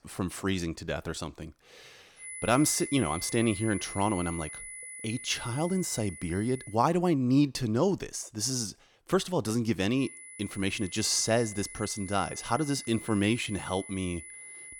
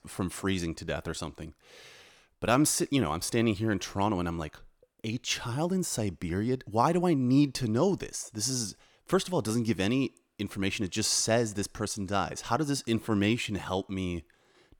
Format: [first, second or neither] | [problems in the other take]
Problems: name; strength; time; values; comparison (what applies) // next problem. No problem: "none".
second | high-pitched whine; noticeable; from 2 to 6.5 s and from 10 s on; 10 kHz, 10 dB below the speech